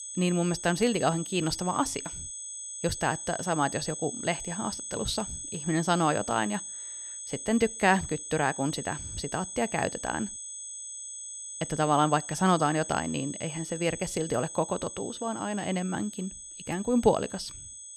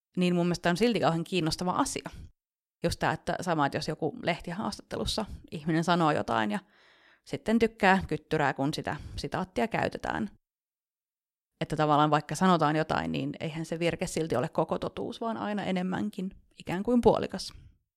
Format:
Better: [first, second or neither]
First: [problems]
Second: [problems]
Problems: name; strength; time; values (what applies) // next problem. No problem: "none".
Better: second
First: high-pitched whine; loud; throughout; 8 kHz, 8 dB below the speech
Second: none